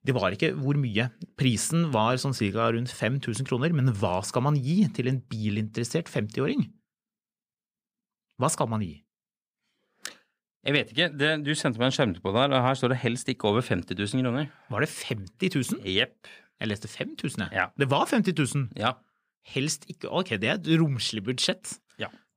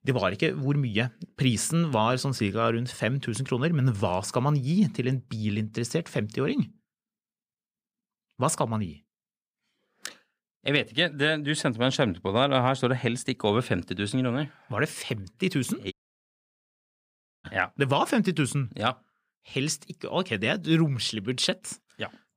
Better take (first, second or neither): first